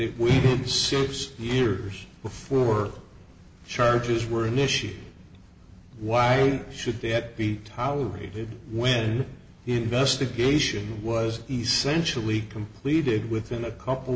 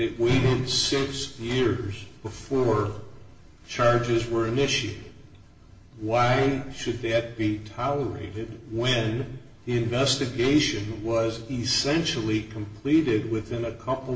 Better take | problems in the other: first | room echo; dies away in 0.7 s

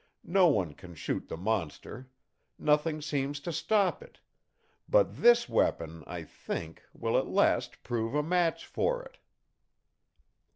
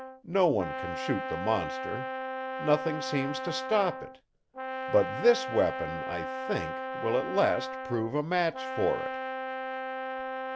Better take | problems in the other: first | background sound (Brass instrument); 5 dB below the speech

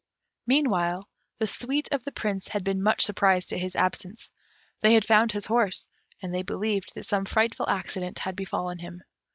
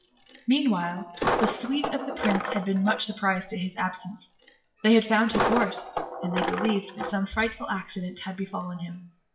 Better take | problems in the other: first | noise reduction (classical method WPE with log-MMSE)

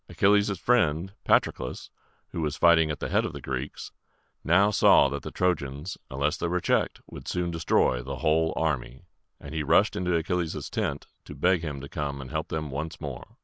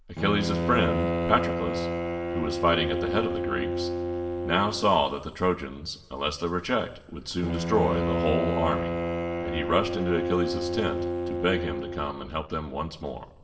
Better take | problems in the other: first | background sound (Bowed string instrument); 1 dB below the speech // room echo; dies away in 2.6 s

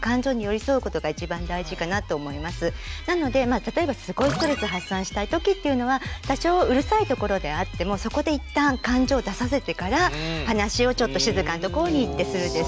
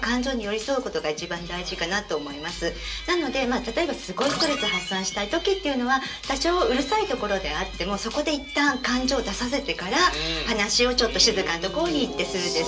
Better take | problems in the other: first | room echo; dies away in 0.2 s

